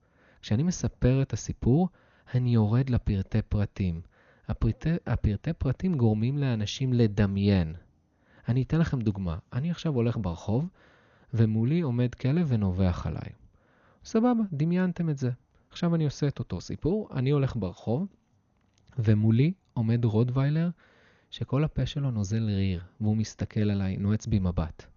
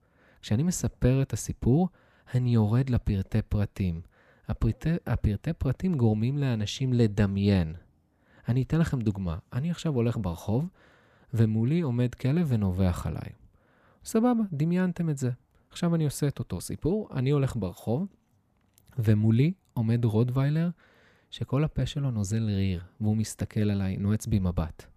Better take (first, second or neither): second